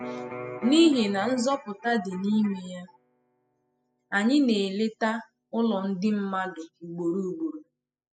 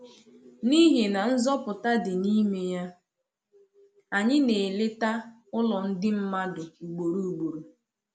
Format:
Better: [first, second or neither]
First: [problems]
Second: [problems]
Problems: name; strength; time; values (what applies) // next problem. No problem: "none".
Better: second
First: noise reduction (classical method spectral subtraction)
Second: none